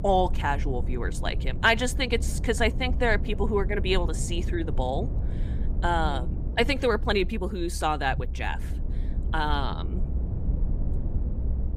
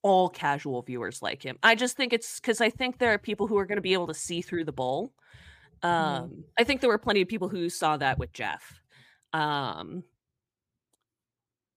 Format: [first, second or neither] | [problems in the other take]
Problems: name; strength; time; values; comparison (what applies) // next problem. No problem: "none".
second | low rumble; noticeable; throughout; 20 dB below the speech